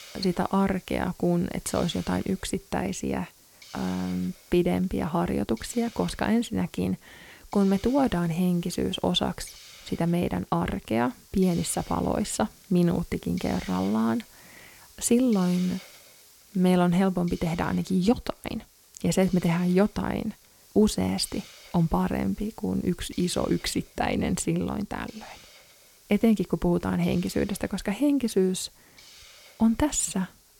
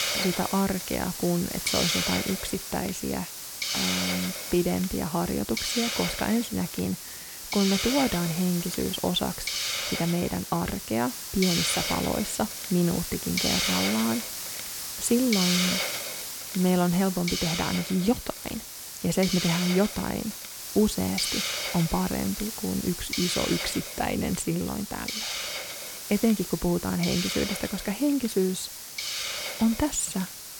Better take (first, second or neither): first